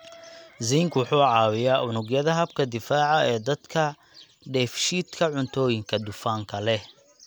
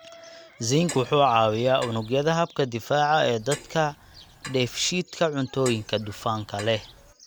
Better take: first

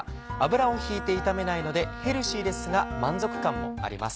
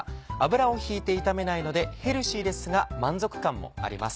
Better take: second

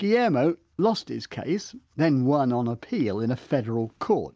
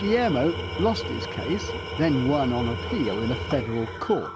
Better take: first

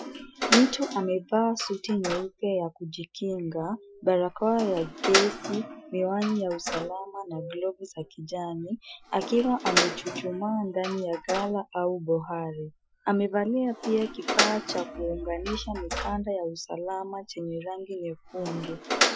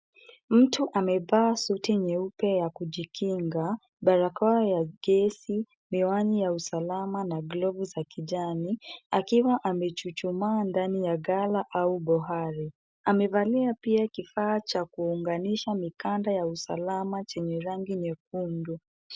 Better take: second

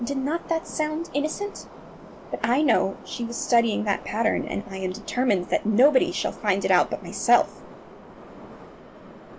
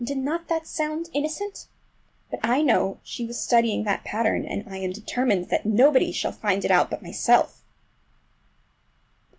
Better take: second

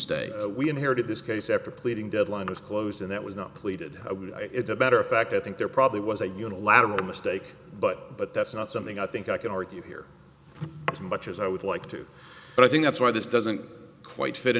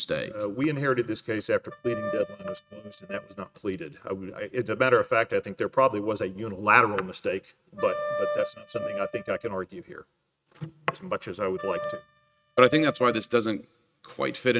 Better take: first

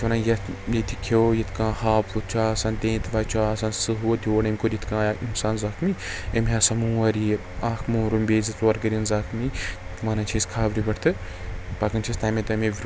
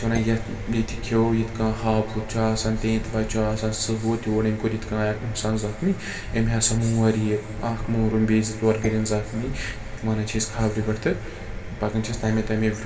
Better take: first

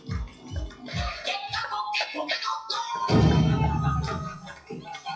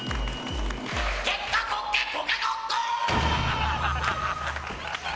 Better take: second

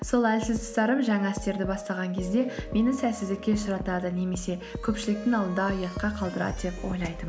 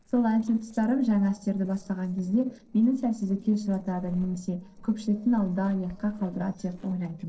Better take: first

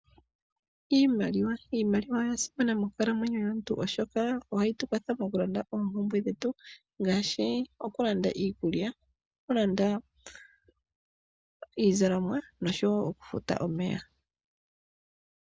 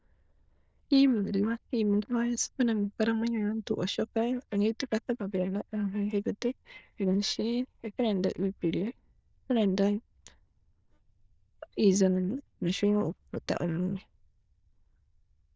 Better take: first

